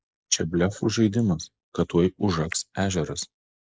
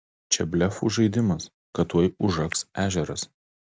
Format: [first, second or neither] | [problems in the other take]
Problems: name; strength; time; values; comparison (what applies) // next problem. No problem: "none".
second | noise reduction (neural mask model Resemble Enhance denoiser)